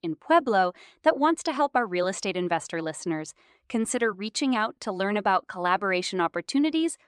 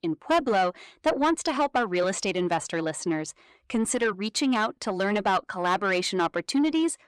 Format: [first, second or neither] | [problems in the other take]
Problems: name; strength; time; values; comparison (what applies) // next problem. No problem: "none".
first | distortion; slight; 10 dB below the speech